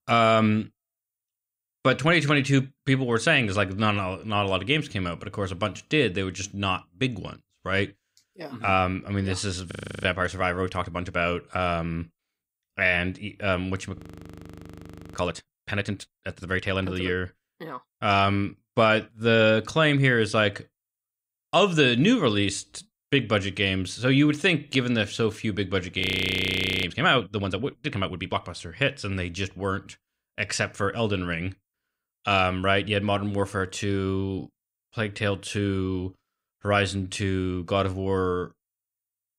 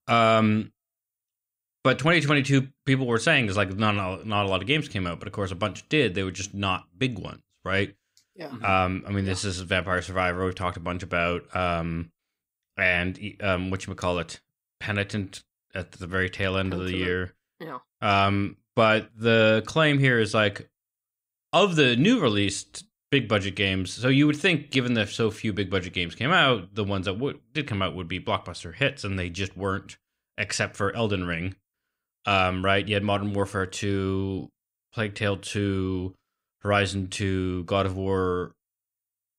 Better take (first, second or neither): second